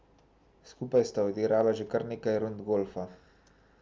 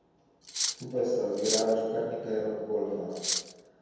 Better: first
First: none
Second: background sound (Cutlery, silverware); 3 dB below the speech // room echo; dies away in 1.2 s

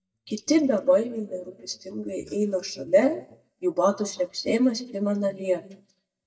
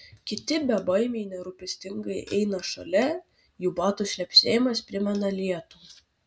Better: second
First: noise reduction (neural mask model DeepFilterNet 3)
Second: none

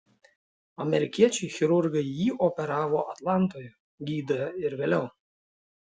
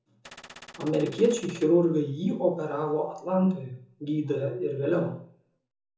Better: first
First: none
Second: background sound (Gunshot, gunfire); 19 dB below the speech // room echo; dies away in 0.6 s

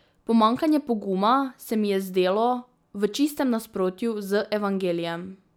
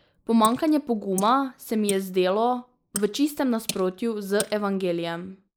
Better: first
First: none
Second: noise reduction (neural mask model Resemble Enhance denoiser)

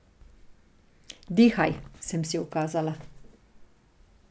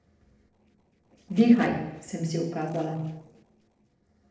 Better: first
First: none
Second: noise reduction (neural separator model SepFormer DNS4)

